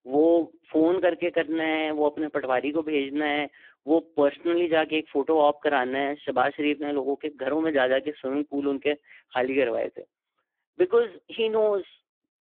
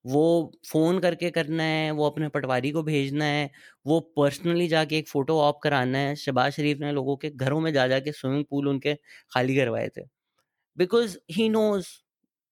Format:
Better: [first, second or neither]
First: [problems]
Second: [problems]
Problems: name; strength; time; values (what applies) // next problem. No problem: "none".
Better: second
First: phone-call audio; poor line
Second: none